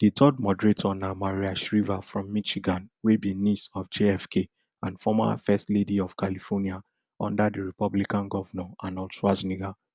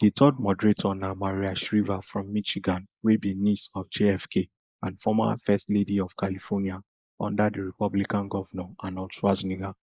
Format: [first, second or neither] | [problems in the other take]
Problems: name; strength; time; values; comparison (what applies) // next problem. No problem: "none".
first | noise reduction (neural mask model Resemble Enhance denoiser)